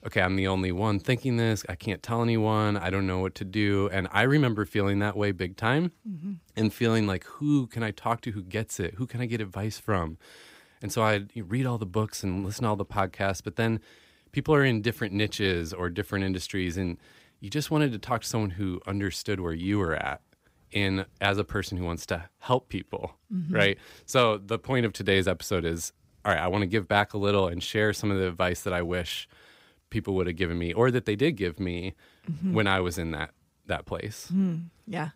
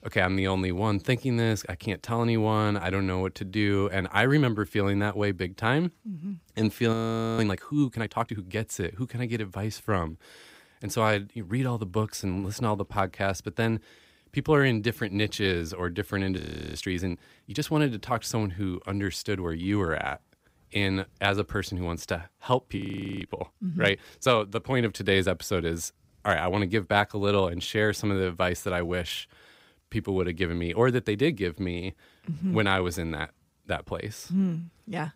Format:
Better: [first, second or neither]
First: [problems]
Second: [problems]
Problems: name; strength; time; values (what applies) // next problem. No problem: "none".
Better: first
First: none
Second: audio freezing; at 7 s, at 16 s and at 23 s